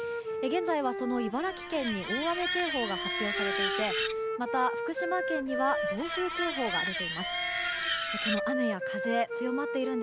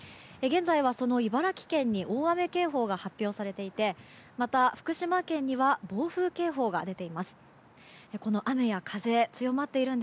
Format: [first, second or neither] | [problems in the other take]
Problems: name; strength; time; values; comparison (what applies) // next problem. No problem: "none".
second | background sound (Wind instrument, woodwind instrument + Screech); as loud as the speech